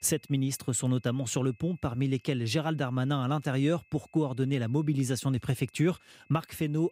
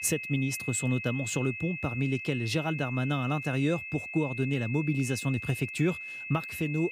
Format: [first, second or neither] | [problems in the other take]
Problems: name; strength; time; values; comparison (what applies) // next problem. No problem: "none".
first | high-pitched whine; loud; throughout; 2.5 kHz, 6 dB below the speech; faint in the first